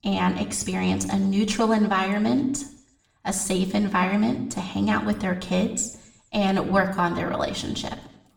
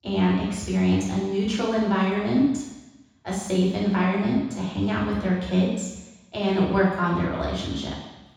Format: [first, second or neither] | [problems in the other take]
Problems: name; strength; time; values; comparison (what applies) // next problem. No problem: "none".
first | room echo; strong; dies away in 1.1 s; slight in the first // off-mic speech; far; somewhat distant in the first